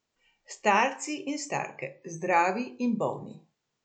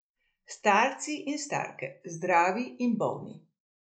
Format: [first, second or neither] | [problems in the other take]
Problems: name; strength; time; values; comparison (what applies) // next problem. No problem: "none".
first | noise reduction (neural mask model Resemble Enhance denoiser)